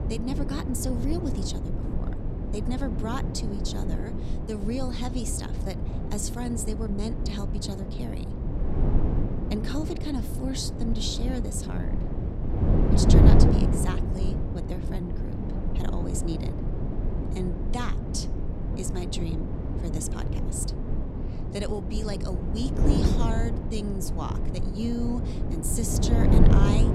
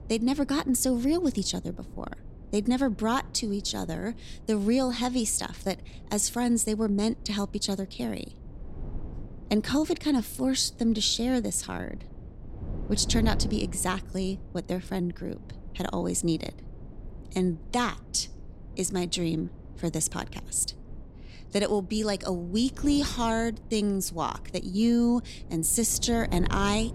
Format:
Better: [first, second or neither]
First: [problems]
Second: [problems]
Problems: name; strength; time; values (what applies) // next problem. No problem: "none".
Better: second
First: wind noise on the microphone; heavy; as loud as the speech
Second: wind noise on the microphone; occasional gusts; 20 dB below the speech